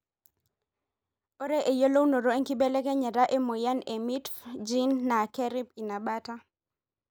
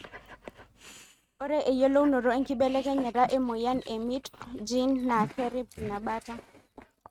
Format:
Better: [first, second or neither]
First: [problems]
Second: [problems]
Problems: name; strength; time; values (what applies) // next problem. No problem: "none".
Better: first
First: none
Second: noise reduction (neural mask model RNNoise)